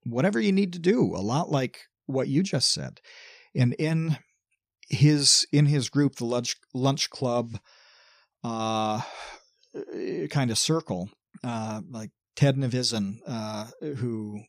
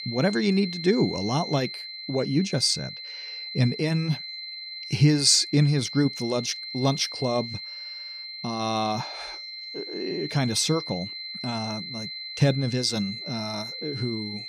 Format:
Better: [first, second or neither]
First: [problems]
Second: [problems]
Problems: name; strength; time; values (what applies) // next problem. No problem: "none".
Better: first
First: none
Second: high-pitched whine; loud; throughout; 4 kHz, 9 dB below the speech